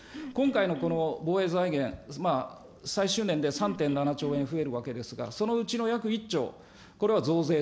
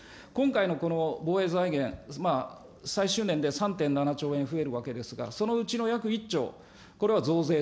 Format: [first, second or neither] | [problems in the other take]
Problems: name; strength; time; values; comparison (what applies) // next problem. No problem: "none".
second | background sound (Cough); 12 dB below the speech